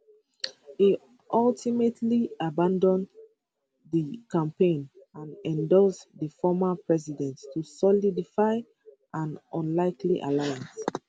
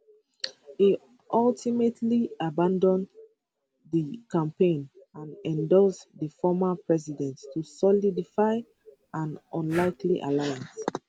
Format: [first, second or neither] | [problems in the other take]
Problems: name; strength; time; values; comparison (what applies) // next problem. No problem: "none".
first | background sound (Breathing); 19 dB below the speech